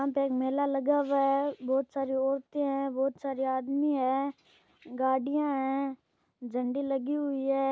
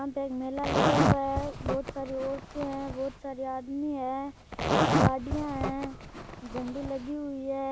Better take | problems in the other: first | background sound (Zipper (clothing)); 2 dB above the speech

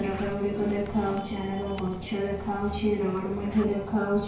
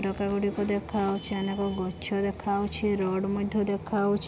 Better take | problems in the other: second | background sound (Zipper (clothing)); 20 dB below the speech // room echo; dies away in 0.5 s

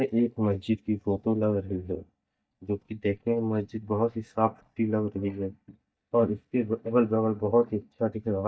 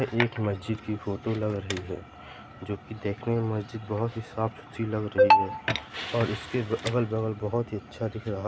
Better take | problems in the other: second | noise reduction (neural mask model DeepFilterNet 3)

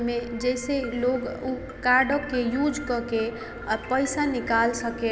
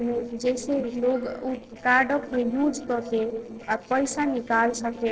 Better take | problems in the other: first | noise reduction (neural separator model SepFormer DNS4)

